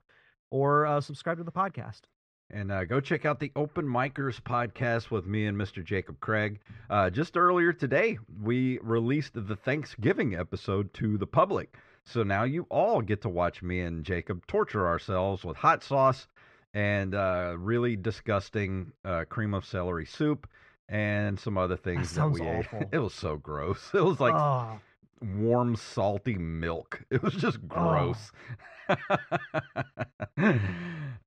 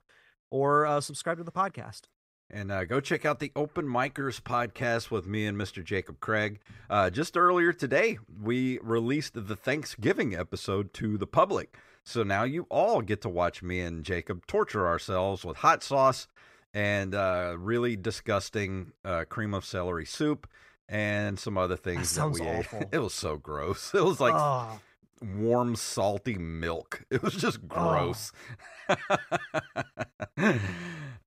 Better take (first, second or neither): second